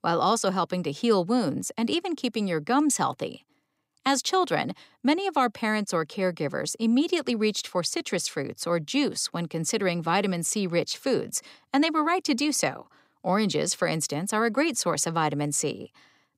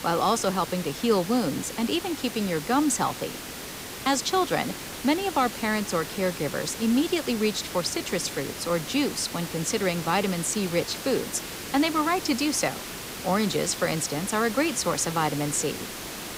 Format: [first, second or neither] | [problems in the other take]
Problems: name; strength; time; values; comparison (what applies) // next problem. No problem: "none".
first | hiss; loud; throughout; 9 dB below the speech